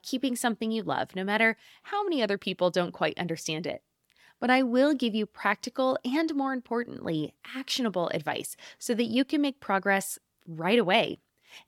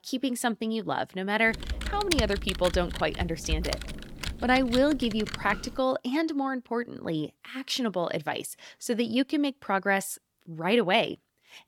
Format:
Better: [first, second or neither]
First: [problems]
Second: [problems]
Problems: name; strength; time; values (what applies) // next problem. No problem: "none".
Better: first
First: none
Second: keyboard typing; noticeable; from 1.5 to 6 s; peak 1 dB below the speech